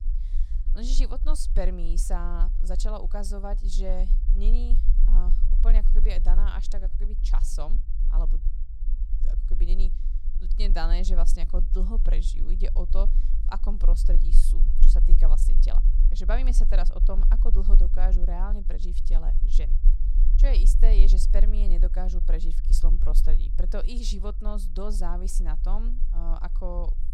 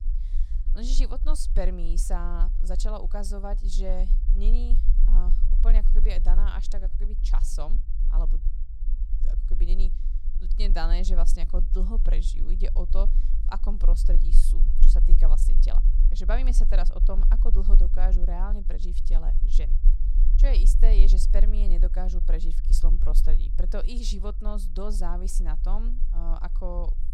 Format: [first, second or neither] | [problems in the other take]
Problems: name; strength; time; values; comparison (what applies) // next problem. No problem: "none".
neither | low rumble; noticeable; throughout; 10 dB below the speech; the same in both